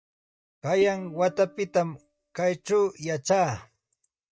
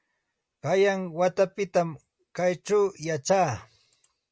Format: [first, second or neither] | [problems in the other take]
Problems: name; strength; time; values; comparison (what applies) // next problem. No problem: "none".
second | noise reduction (neural mask model DeepFilterNet 3)